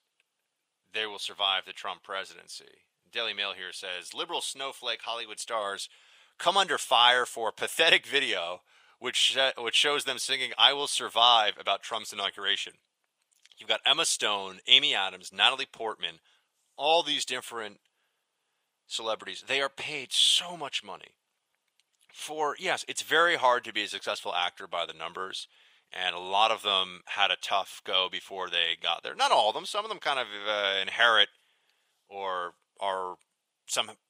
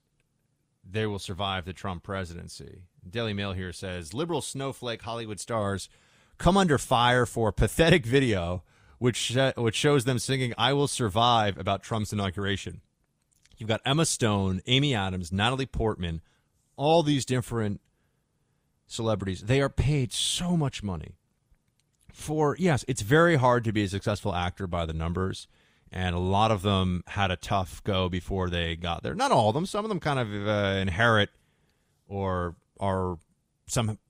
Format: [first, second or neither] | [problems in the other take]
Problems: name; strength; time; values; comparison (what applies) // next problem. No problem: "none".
second | thin; very; fading below 750 Hz